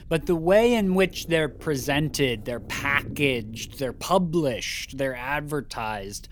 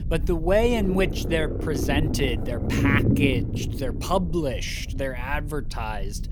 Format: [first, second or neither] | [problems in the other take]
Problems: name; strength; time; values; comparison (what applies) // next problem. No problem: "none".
first | low rumble; loud; throughout; 6 dB below the speech; faint in the first